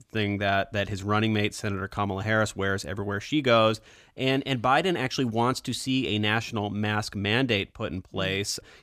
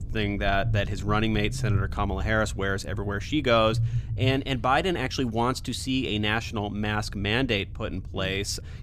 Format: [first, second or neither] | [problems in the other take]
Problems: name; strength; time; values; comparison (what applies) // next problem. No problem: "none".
first | low rumble; faint; throughout; 20 dB below the speech